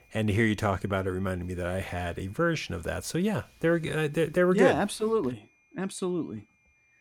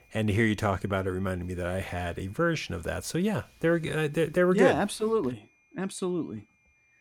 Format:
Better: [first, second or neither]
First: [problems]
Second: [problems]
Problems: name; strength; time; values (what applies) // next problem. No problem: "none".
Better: neither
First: high-pitched whine; faint; throughout; 2.5 kHz, 35 dB below the speech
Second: high-pitched whine; faint; throughout; 2.5 kHz, 35 dB below the speech